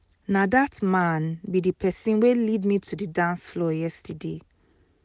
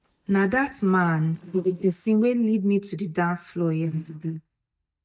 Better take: first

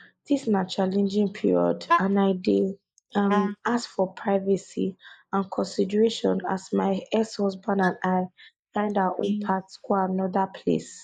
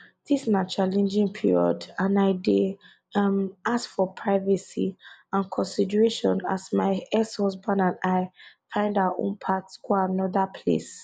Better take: second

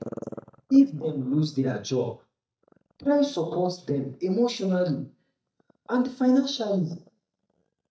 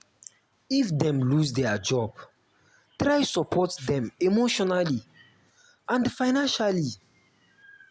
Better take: second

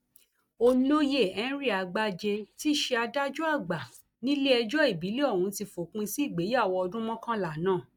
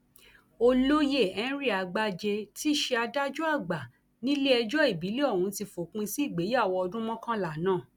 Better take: second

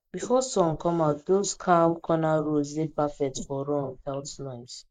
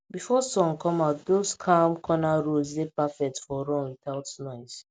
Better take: second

